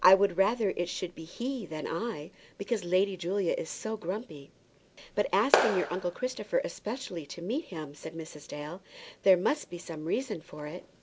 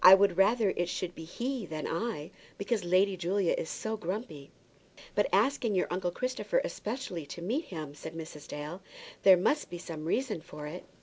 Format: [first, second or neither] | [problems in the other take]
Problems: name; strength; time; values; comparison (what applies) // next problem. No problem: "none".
second | background sound (Clapping); 1 dB above the speech